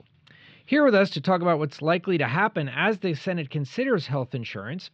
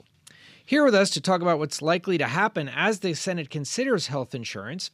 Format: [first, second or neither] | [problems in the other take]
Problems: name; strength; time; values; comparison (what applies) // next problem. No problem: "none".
second | muffled; slightly; fading above 3.5 kHz